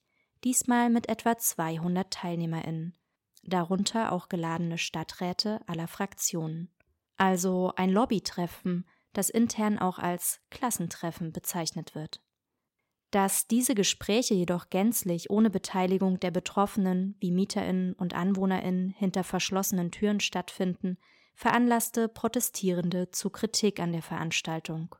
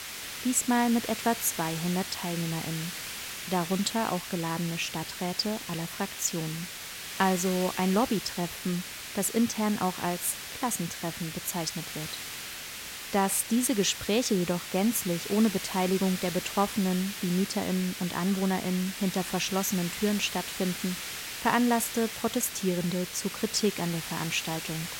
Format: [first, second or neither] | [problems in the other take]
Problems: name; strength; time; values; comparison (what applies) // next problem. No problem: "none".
first | hiss; loud; throughout; 7 dB below the speech